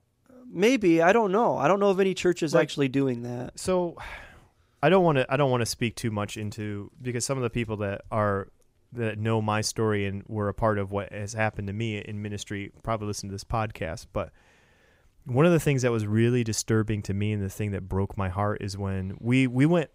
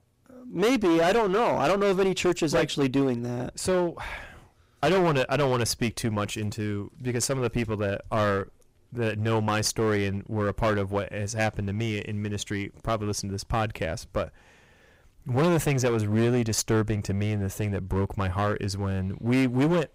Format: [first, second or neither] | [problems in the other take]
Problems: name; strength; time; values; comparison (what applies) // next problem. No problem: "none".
first | distortion; heavy; 13% of the sound clipped